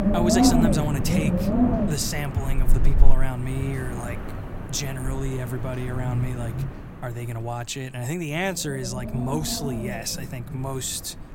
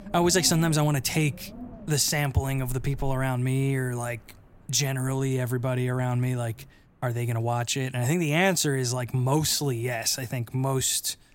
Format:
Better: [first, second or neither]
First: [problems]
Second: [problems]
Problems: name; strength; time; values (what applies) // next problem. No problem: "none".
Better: second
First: wind noise on the microphone; heavy; as loud as the speech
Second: wind noise on the microphone; occasional gusts; 25 dB below the speech